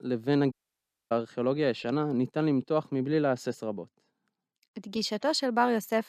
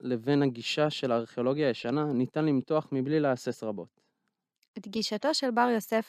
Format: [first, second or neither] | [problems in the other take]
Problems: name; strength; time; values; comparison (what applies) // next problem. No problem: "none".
second | audio cutting out; at 0.5 s for 0.5 s